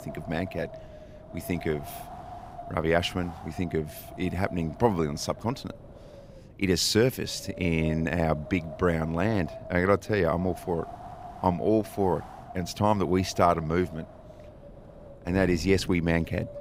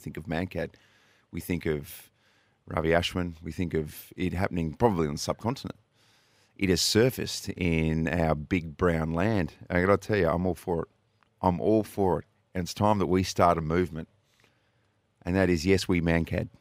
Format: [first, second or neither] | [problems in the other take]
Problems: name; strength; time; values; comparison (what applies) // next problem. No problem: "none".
second | wind noise on the microphone; occasional gusts; 15 dB below the speech